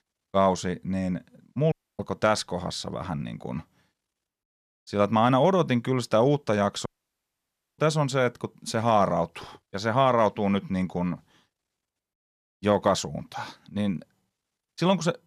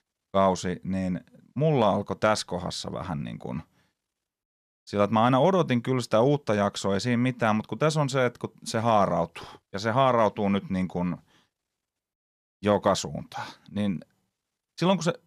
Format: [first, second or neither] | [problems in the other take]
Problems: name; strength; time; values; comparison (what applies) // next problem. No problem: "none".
second | audio cutting out; at 1.5 s and at 7 s for 1 s